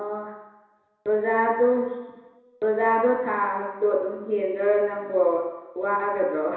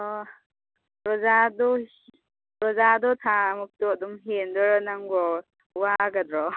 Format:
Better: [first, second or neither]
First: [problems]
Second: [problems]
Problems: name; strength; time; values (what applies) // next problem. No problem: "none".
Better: second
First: room echo; dies away in 1 s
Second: none